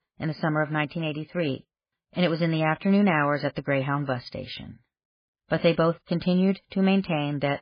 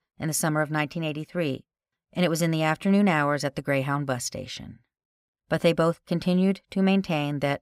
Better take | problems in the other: second | garbled, watery; badly; nothing above 5 kHz

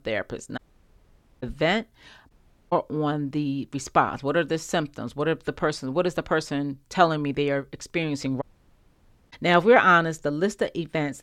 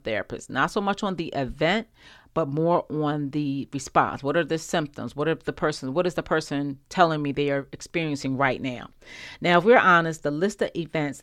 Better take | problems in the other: second | audio cutting out; at 0.5 s for 1 s, at 2.5 s and at 8.5 s for 1 s

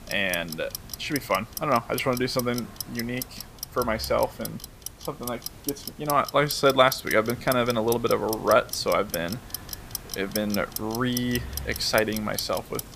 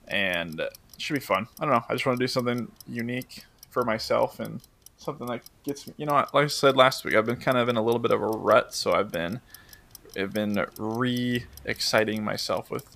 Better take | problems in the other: second | household noises; loud; throughout; 10 dB below the speech; faint in the second

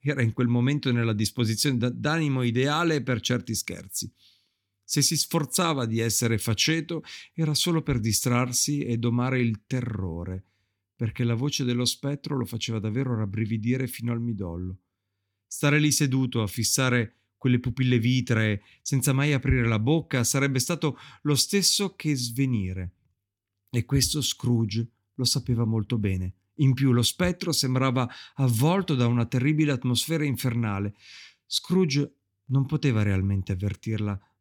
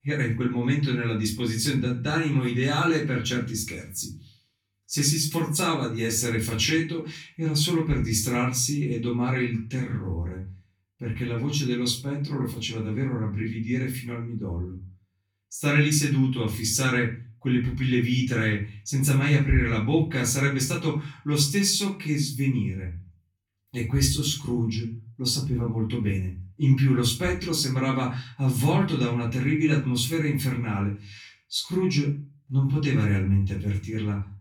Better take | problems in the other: first | off-mic speech; far // room echo; slight; dies away in 0.3 s

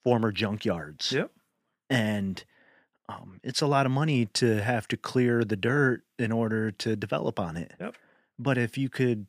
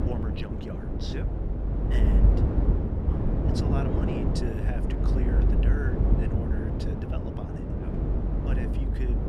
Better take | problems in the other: first | wind noise on the microphone; heavy; 4 dB above the speech

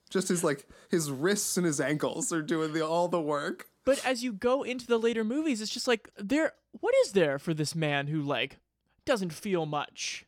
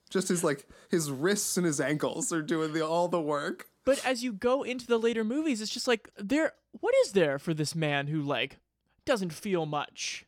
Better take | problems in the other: neither | none

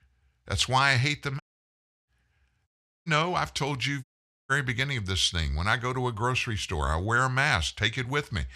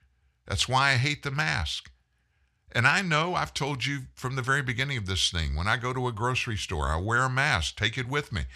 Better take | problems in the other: second | audio cutting out; at 1.5 s for 0.5 s, at 2.5 s and at 4 s

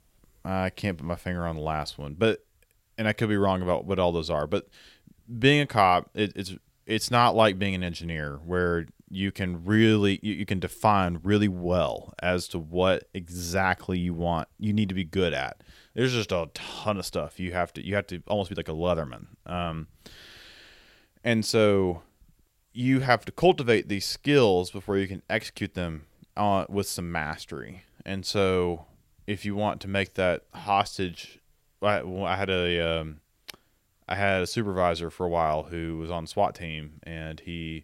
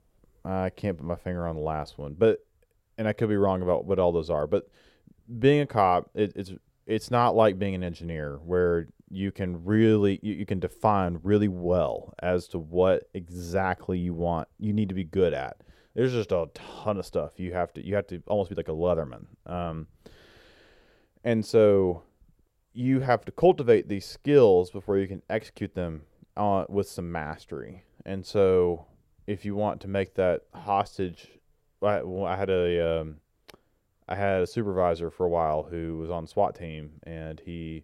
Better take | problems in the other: first | muffled; slightly; fading above 1.5 kHz

